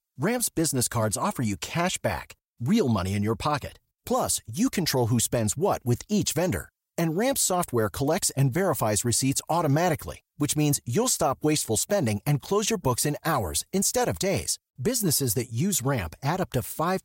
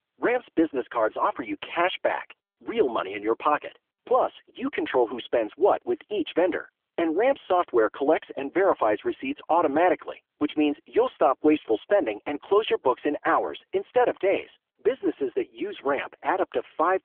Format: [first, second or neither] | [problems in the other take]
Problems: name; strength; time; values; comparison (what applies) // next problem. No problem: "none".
first | phone-call audio; nothing above 3.5 kHz